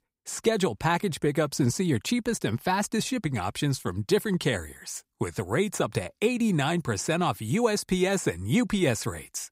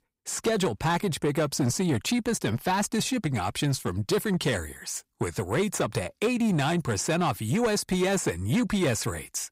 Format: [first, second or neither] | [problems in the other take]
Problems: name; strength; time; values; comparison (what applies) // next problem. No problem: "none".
first | distortion; slight; 10 dB below the speech